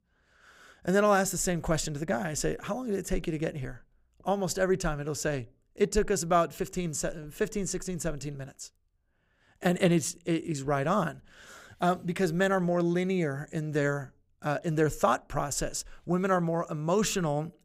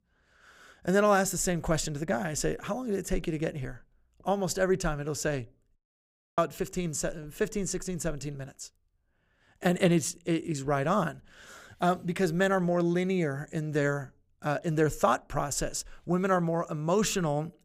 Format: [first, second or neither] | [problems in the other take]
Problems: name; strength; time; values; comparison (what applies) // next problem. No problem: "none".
first | audio cutting out; at 6 s for 0.5 s